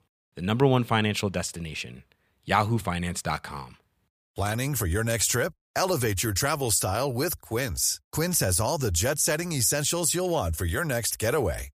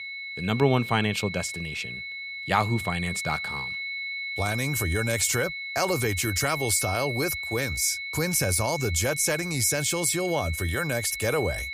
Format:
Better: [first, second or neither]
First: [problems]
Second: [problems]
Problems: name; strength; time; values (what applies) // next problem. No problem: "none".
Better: first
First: none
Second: high-pitched whine; loud; throughout; 2 kHz, 6 dB below the speech